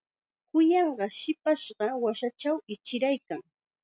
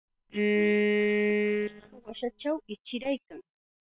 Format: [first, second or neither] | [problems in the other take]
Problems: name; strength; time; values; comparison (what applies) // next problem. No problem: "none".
first | noise reduction (neural separator model SepFormer WHAM!)